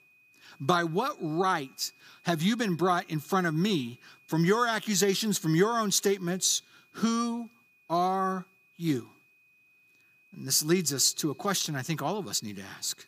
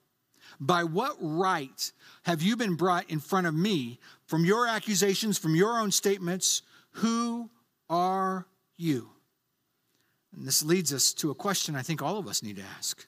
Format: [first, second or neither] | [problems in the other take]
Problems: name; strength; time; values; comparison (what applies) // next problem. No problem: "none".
second | high-pitched whine; faint; throughout; 2.5 kHz, 30 dB below the speech